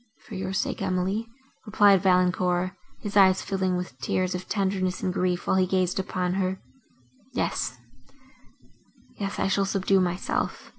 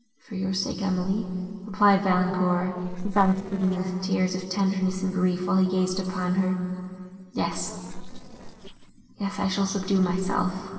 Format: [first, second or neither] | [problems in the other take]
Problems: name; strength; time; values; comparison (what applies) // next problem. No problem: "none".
first | noise reduction (neural separator model SepFormer DNS4)